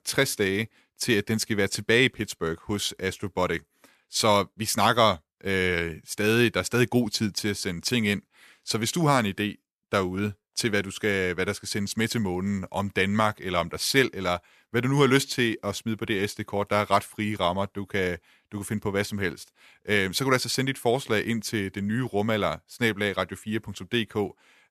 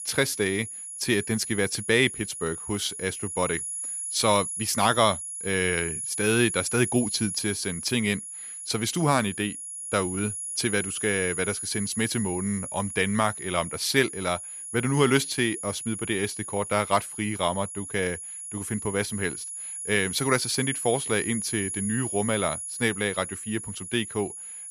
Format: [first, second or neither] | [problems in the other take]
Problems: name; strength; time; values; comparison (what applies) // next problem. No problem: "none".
first | high-pitched whine; loud; throughout; 10.5 kHz, 5 dB below the speech